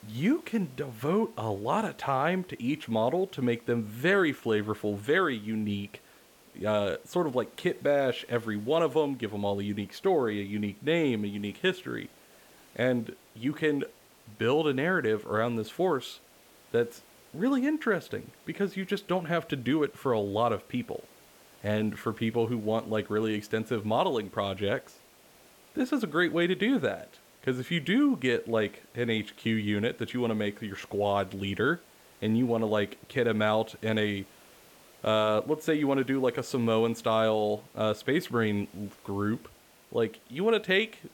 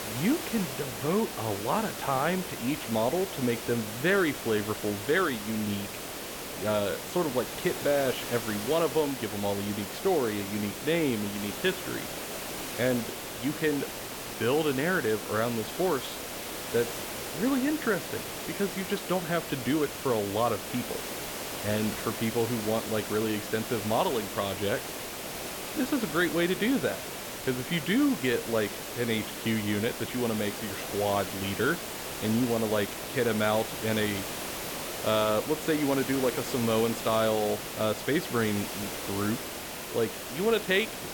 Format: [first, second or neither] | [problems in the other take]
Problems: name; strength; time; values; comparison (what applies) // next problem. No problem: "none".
first | hiss; loud; throughout; 6 dB below the speech; faint in the first